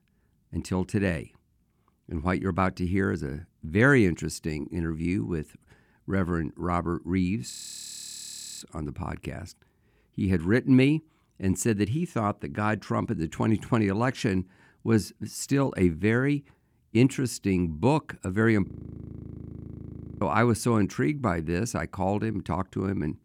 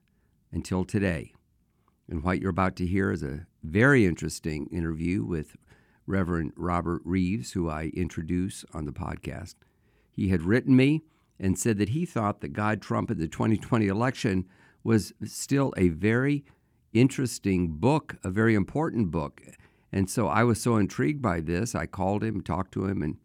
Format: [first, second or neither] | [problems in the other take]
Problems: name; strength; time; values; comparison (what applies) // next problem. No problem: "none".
second | audio freezing; at 7.5 s for 1 s and at 19 s for 1.5 s